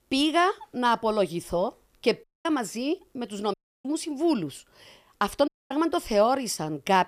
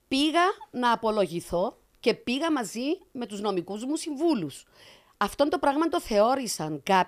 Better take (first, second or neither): second